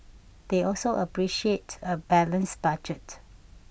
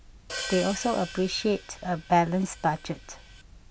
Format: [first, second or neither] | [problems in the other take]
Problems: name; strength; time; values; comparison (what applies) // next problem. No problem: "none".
first | background sound (Hi-hat); 12 dB below the speech